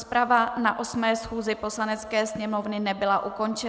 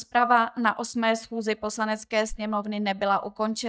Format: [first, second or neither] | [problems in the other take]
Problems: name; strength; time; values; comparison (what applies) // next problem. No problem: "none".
first | noise reduction (neural mask model DeepFilterNet 3)